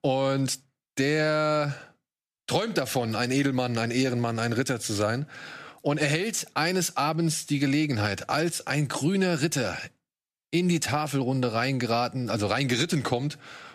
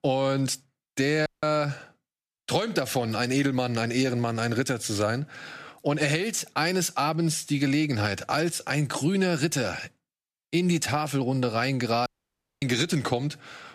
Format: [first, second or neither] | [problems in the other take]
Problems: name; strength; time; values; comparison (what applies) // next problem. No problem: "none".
first | audio cutting out; at 1.5 s and at 12 s for 0.5 s